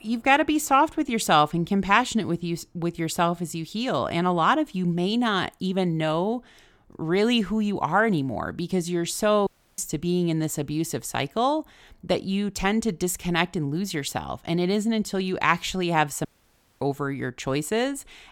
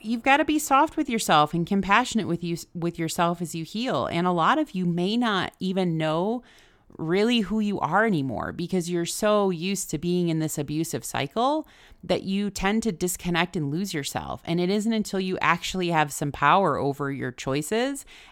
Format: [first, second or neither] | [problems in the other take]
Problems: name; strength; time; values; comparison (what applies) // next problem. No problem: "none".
second | audio cutting out; at 9.5 s and at 16 s for 0.5 s